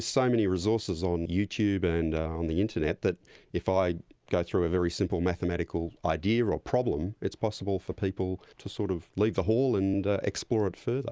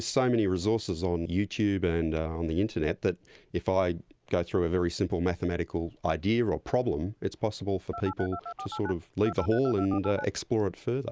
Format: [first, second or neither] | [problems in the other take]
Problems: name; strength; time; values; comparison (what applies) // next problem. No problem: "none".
first | background sound (Telephone); 10 dB below the speech